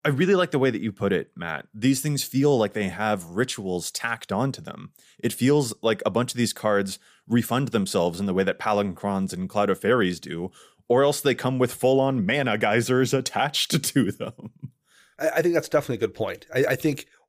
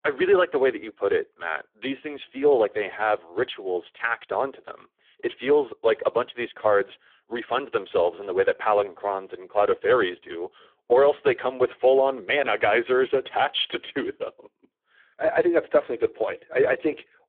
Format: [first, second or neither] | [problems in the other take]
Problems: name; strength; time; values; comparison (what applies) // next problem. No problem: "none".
first | phone-call audio; poor line; nothing above 3.5 kHz